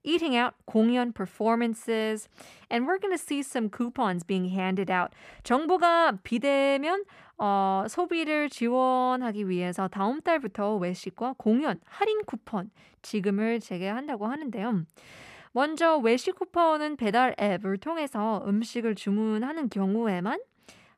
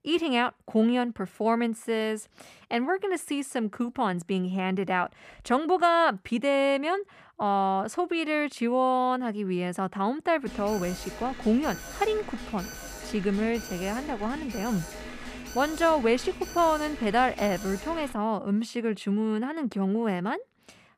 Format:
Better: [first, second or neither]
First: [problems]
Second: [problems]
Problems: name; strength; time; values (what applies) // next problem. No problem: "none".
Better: first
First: none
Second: alarm; faint; from 10 to 18 s; peak 10 dB below the speech